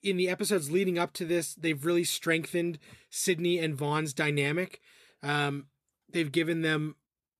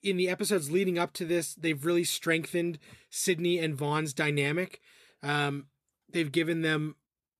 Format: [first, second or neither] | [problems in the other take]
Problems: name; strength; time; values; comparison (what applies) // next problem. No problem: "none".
neither | none